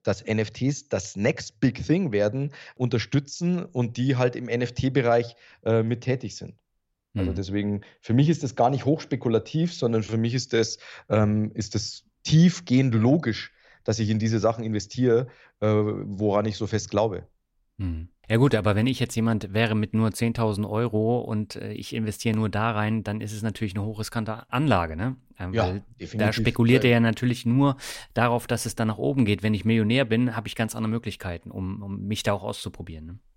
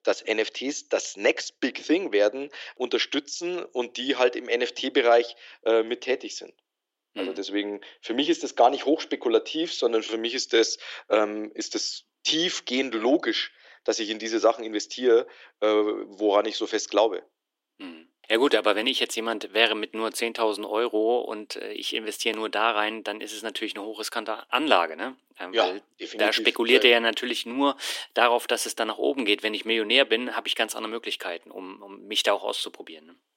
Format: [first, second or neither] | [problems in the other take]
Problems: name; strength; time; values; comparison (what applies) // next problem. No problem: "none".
first | thin; very; fading below 300 Hz